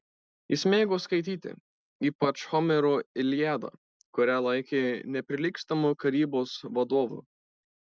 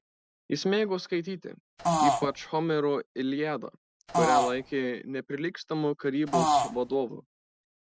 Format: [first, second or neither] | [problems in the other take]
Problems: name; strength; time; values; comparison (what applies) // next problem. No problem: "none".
first | background sound (Fart); 4 dB above the speech